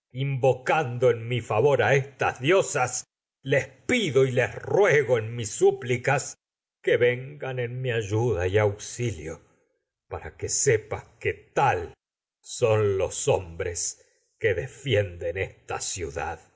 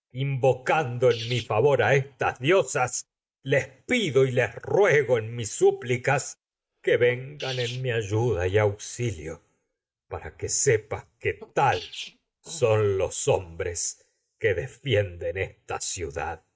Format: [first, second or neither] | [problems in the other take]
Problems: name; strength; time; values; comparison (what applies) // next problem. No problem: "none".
first | noise reduction (neural mask model RNNoise)